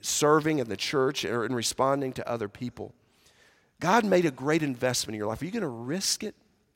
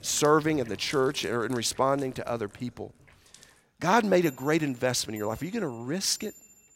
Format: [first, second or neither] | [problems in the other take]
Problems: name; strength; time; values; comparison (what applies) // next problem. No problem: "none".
first | household noises; faint; throughout; 20 dB below the speech